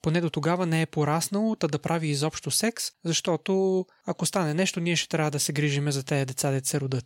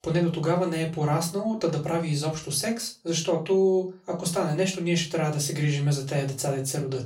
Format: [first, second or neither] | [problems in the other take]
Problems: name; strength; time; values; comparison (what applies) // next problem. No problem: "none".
first | off-mic speech; far // room echo; very slight; dies away in 0.3 s